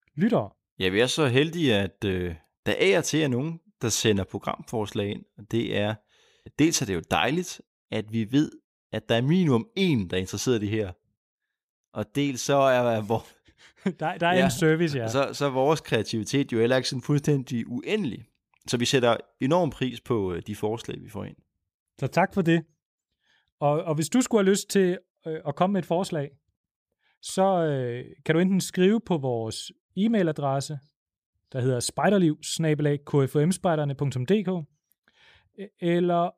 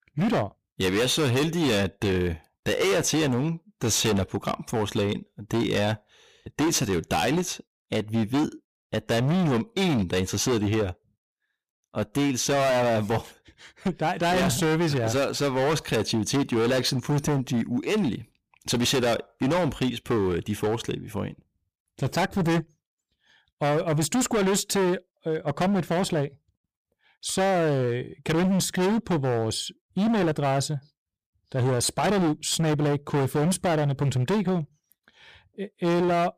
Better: first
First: none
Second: distortion; heavy; 20% of the sound clipped

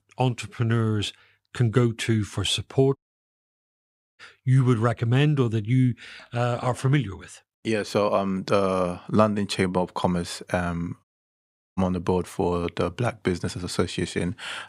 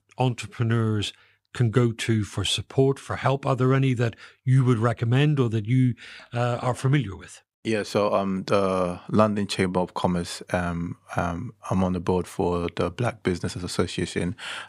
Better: second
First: audio cutting out; at 3 s for 1 s and at 11 s for 0.5 s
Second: none

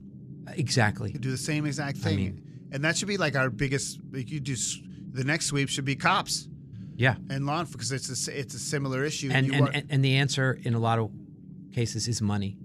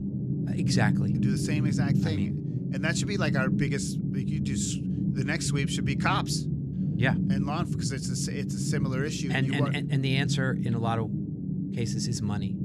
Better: first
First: low rumble; faint; throughout; 25 dB below the speech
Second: low rumble; loud; throughout; 5 dB below the speech

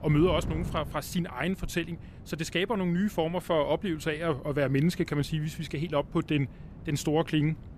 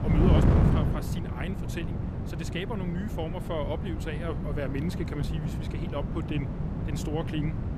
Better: first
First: wind noise on the microphone; occasional gusts; 20 dB below the speech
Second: wind noise on the microphone; heavy; 1 dB below the speech

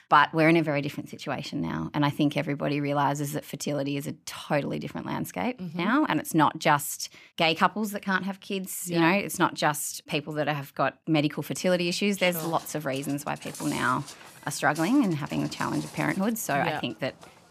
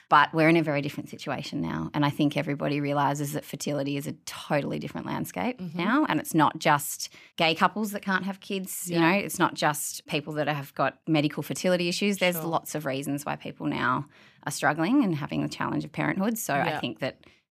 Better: second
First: footsteps; faint; from 12 s on; peak 10 dB below the speech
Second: none

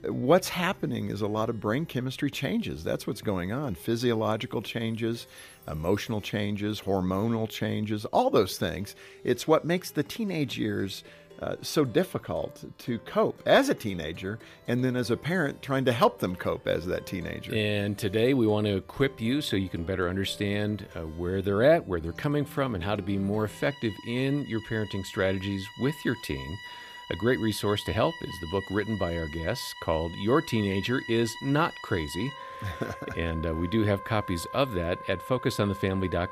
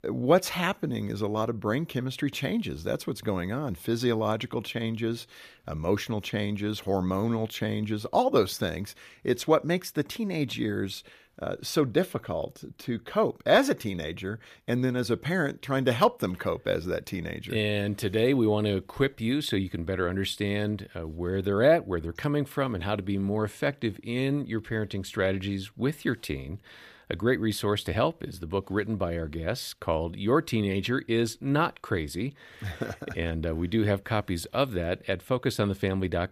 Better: second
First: background music; noticeable; throughout; 15 dB below the speech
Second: none

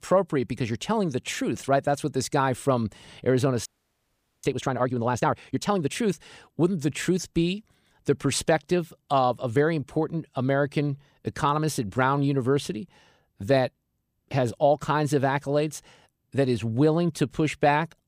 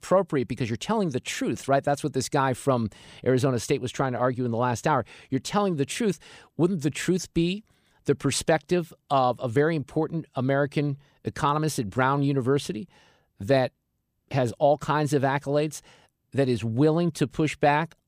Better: second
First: audio freezing; at 3.5 s for 1 s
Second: none

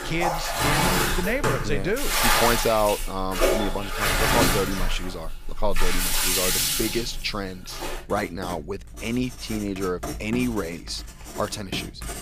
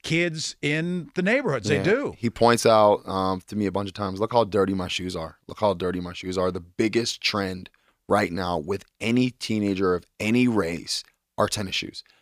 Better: second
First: household noises; very loud; throughout; 4 dB above the speech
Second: none

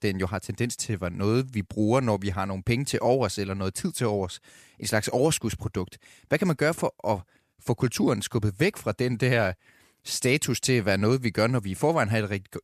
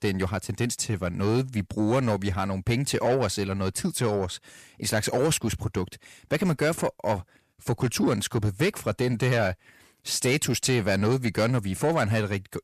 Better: first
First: none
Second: distortion; slight; 10 dB below the speech

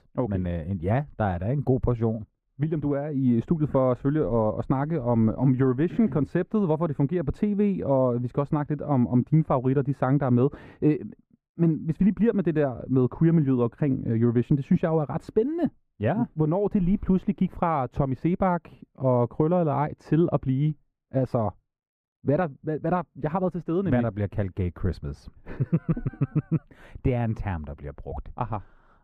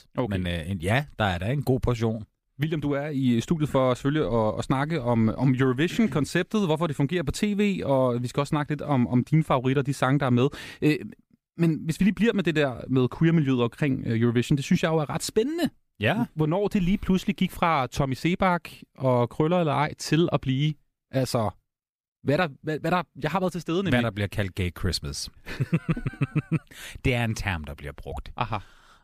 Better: second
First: muffled; very; fading above 2 kHz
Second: none

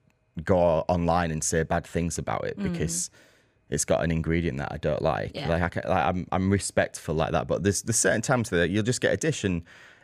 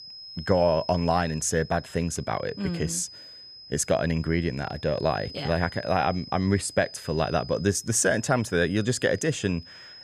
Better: first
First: none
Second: high-pitched whine; noticeable; throughout; 5 kHz, 15 dB below the speech

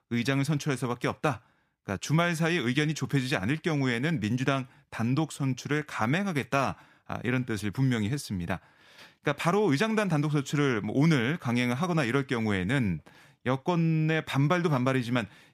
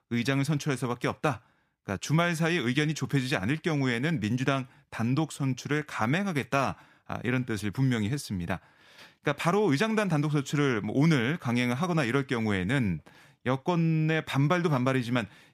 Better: neither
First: none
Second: none

